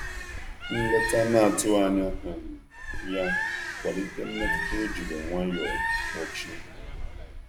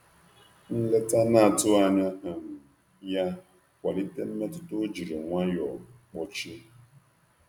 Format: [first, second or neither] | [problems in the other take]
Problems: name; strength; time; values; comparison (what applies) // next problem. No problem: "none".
second | background sound (Bird); 4 dB below the speech